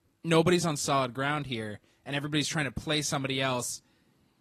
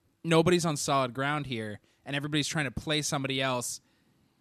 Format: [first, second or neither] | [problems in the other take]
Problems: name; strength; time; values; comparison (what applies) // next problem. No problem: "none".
second | garbled, watery; slightly; nothing above 13.5 kHz